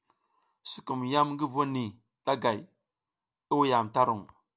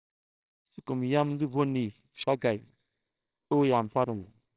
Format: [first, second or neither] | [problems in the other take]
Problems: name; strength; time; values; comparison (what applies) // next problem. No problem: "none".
first | noise reduction (neural separator model SepFormer WHAMR!)